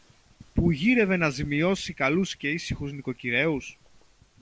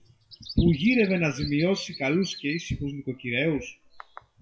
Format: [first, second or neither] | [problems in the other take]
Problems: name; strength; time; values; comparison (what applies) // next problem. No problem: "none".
first | noise reduction (classical method WPE with log-MMSE)